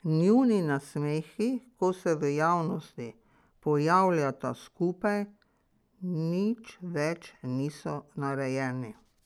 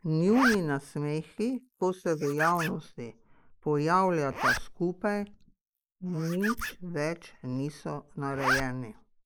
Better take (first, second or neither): first